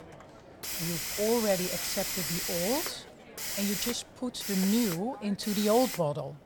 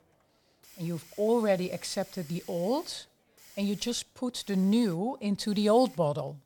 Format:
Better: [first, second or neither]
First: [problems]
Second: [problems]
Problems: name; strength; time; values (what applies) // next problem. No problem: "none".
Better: second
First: hiss; loud; throughout; 2 dB below the speech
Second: hiss; faint; throughout; 20 dB below the speech